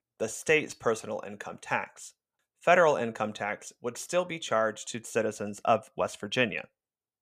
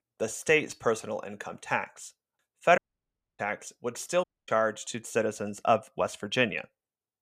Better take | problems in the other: first | audio cutting out; at 3 s for 0.5 s and at 4 s

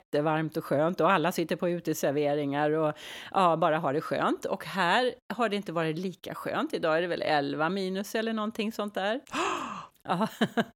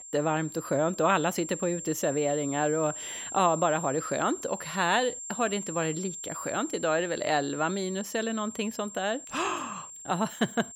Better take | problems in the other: first | high-pitched whine; loud; throughout; 7.5 kHz, 9 dB below the speech

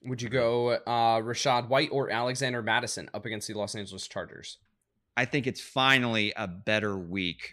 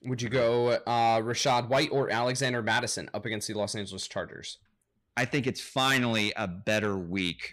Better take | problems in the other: first | distortion; slight; 10 dB below the speech

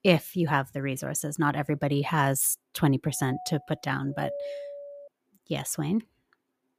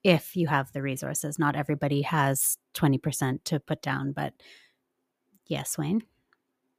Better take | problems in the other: second | doorbell; noticeable; from 3 to 5 s; peak 8 dB below the speech

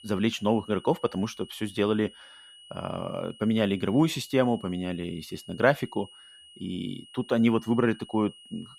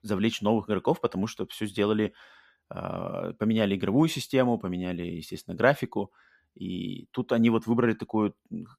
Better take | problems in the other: second | high-pitched whine; faint; throughout; 3 kHz, 20 dB below the speech

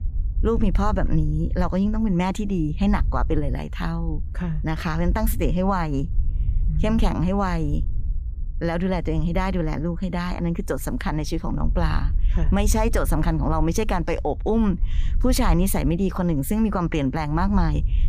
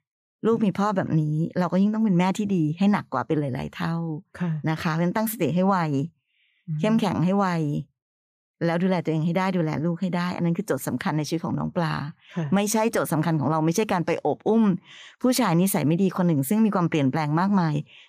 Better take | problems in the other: second | low rumble; faint; throughout; 20 dB below the speech

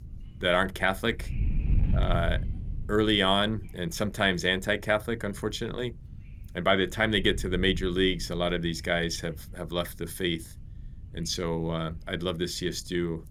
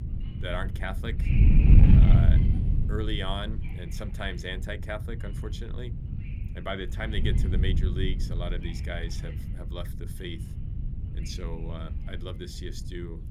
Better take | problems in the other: first | wind noise on the microphone; heavy; 3 dB below the speech; occasional gusts in the first

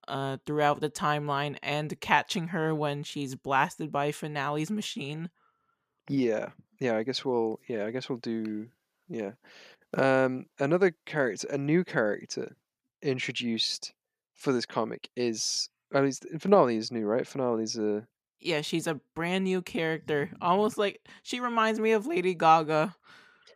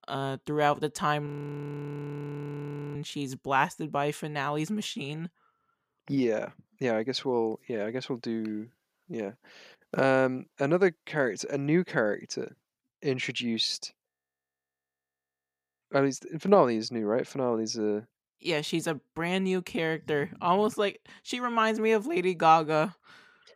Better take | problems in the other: first | audio freezing; at 1.5 s for 1.5 s and at 14 s for 1.5 s

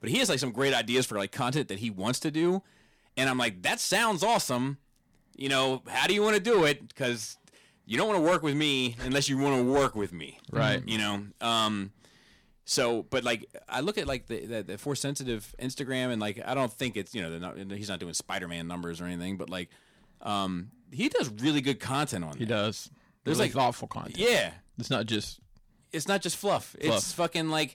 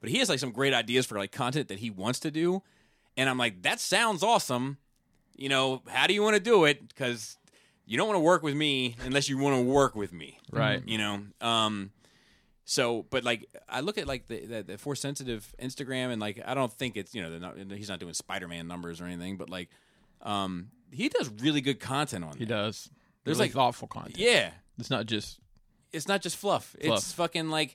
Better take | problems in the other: second | distortion; slight; 10 dB below the speech

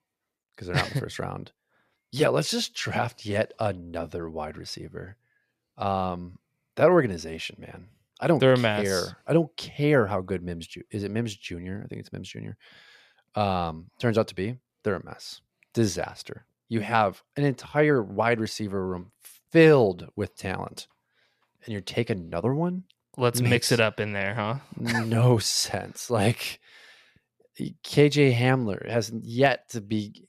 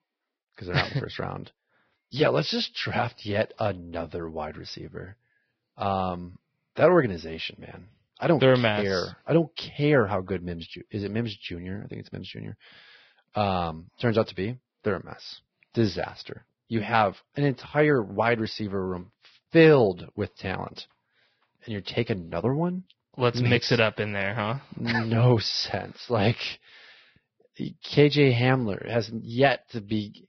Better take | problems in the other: first | garbled, watery; badly; nothing above 5.5 kHz

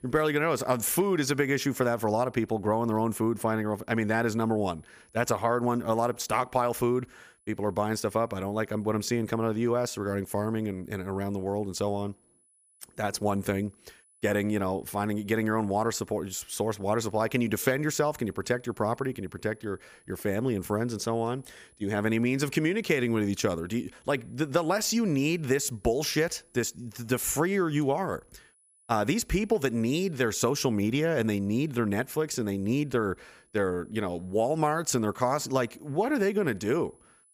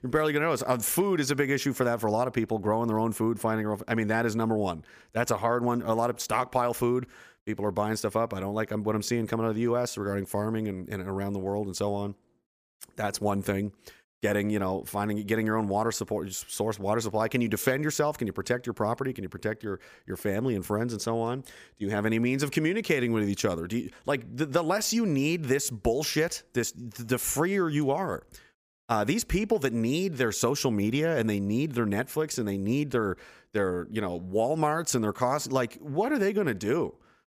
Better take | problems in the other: second | high-pitched whine; faint; throughout; 10 kHz, 35 dB below the speech

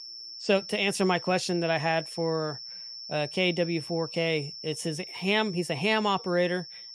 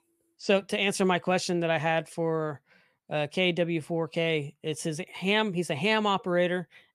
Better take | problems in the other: second | high-pitched whine; noticeable; throughout; 5.5 kHz, 10 dB below the speech

